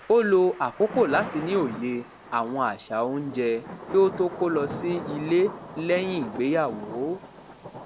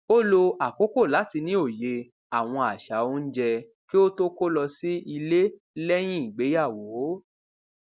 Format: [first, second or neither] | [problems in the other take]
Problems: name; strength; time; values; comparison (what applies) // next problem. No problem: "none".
second | background sound (Thunder / Rain); 13 dB below the speech